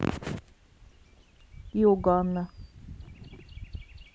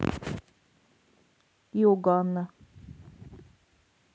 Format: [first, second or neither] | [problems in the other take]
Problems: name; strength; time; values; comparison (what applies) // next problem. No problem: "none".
second | background sound (Bird vocalization, bird call, bird song); 16 dB below the speech